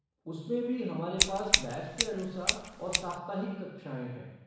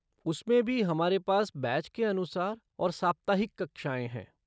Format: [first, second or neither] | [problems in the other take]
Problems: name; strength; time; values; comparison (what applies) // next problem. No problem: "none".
second | background sound (Scissors); 5 dB above the speech // room echo; dies away in 1.1 s